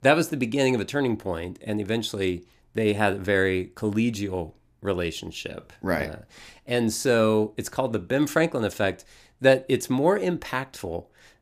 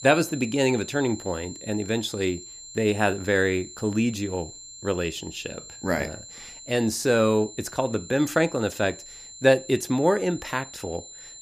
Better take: first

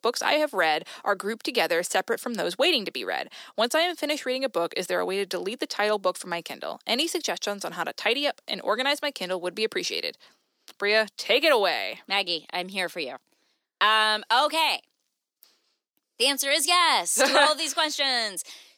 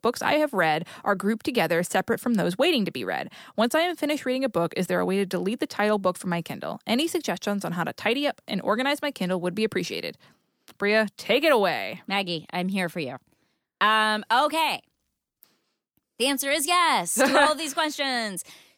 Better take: second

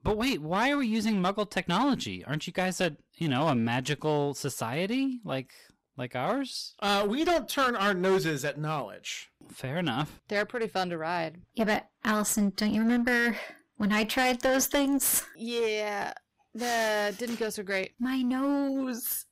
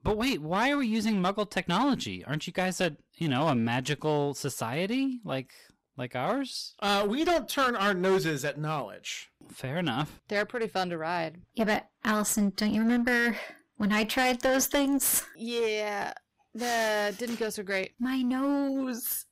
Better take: neither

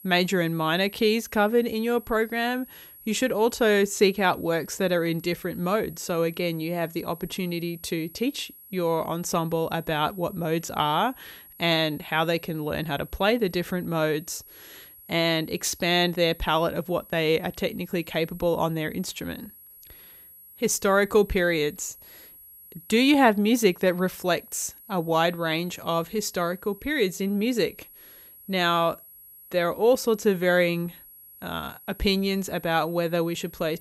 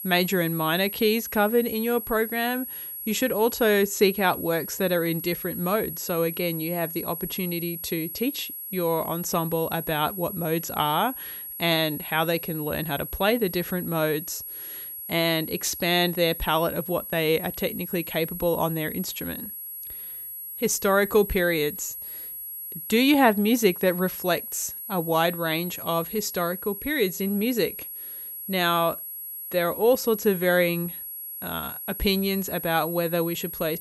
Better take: first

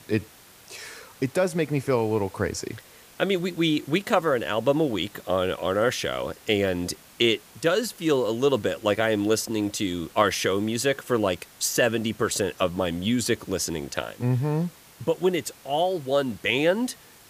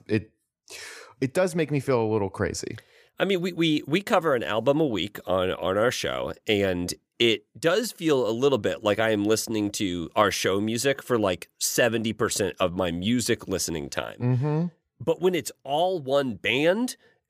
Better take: second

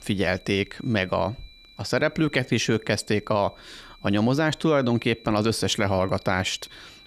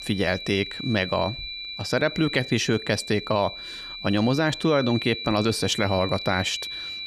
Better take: first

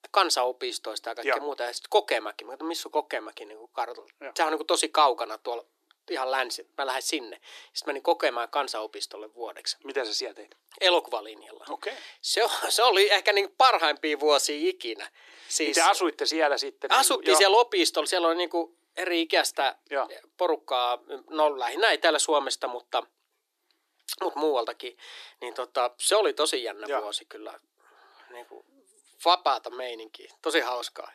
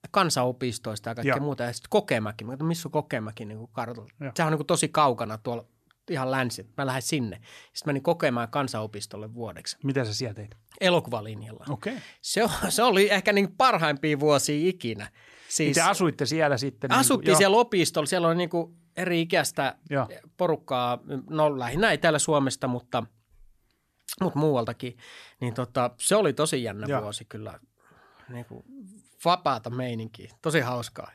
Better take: second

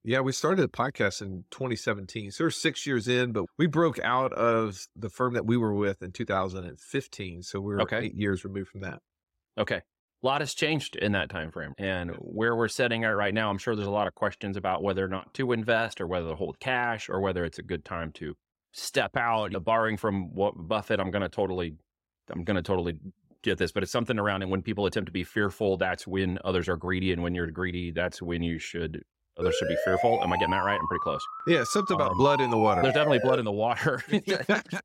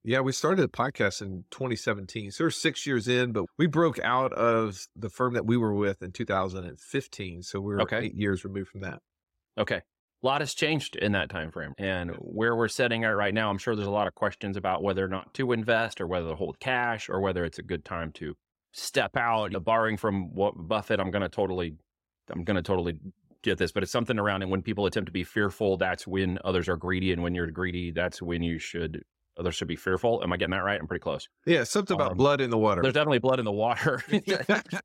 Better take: second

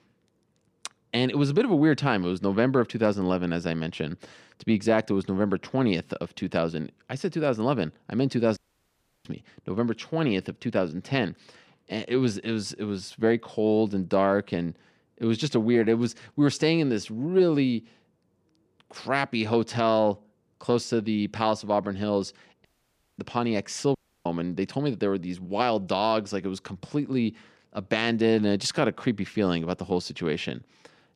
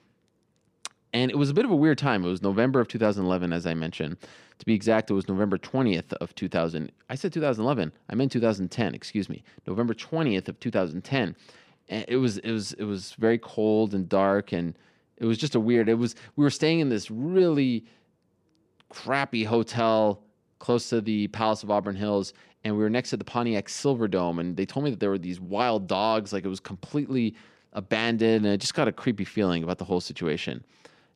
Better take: second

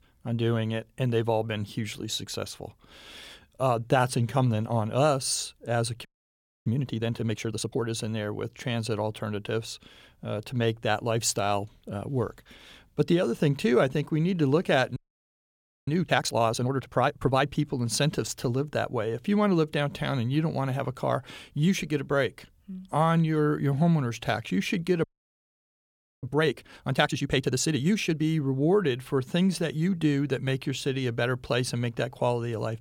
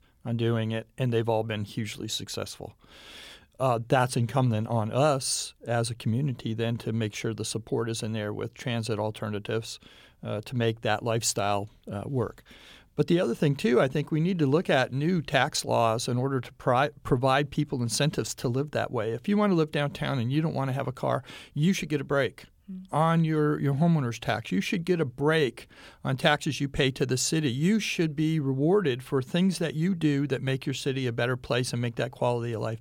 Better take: second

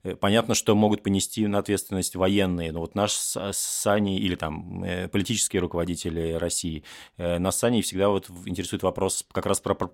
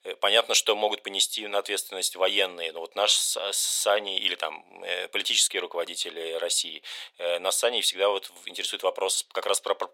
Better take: first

